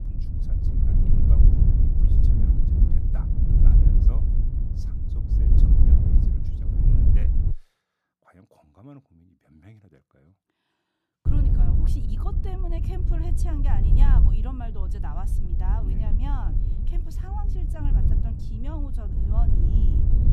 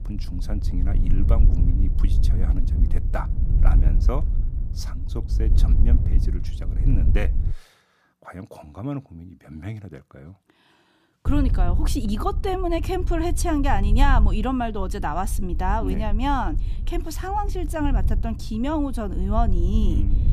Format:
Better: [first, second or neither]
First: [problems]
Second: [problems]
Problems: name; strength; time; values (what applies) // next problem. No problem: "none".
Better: second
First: wind noise on the microphone; heavy; until 7.5 s and from 11 s on; 3 dB above the speech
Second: wind noise on the microphone; occasional gusts; until 7.5 s and from 11 s on; 15 dB below the speech